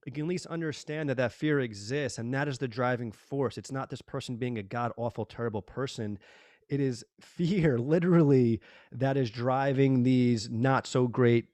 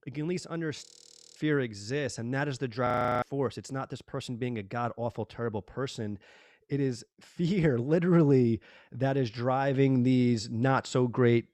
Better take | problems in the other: first | audio freezing; at 1 s for 0.5 s and at 3 s

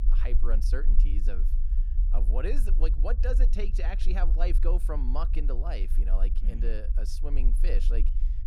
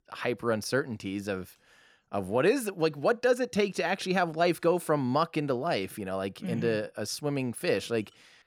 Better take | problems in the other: second | low rumble; noticeable; throughout; 10 dB below the speech

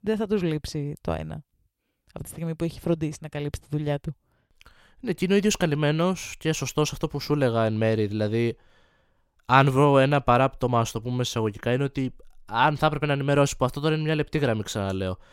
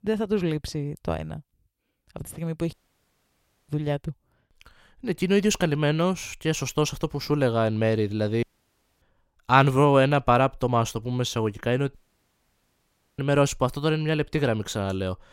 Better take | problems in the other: first | audio cutting out; at 2.5 s for 1 s, at 8.5 s for 0.5 s and at 12 s for 1 s

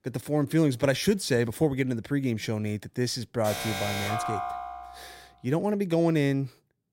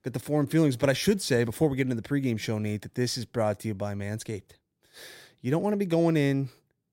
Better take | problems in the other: second | alarm; noticeable; from 3.5 to 5 s; peak 3 dB below the speech

